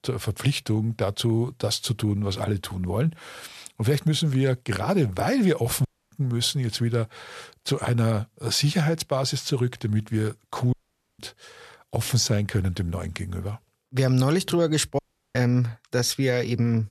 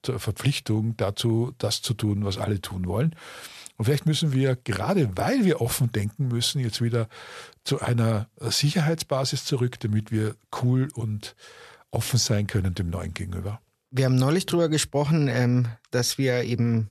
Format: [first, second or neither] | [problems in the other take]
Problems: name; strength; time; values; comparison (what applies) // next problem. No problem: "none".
second | audio cutting out; at 6 s, at 11 s and at 15 s